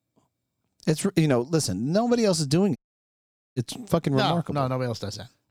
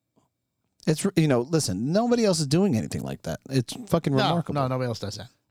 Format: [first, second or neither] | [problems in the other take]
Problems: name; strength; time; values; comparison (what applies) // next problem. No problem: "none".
second | audio cutting out; at 3 s for 1 s